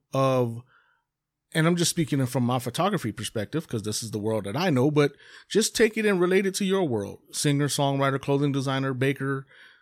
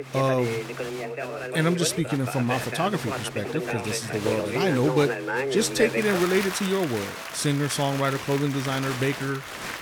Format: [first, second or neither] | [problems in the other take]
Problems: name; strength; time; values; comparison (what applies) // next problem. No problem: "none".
first | crowd noise; loud; throughout; 5 dB below the speech